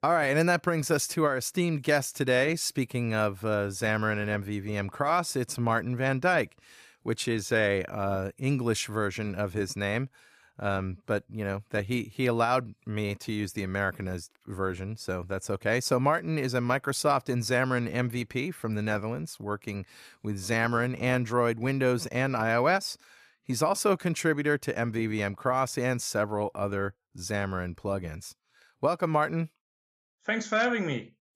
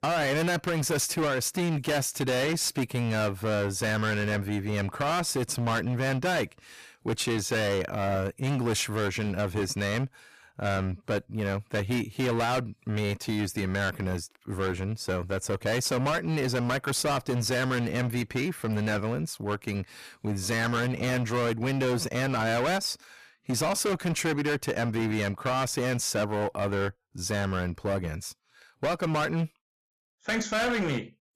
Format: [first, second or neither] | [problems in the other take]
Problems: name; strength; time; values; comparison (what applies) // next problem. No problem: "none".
first | distortion; heavy; 21% of the sound clipped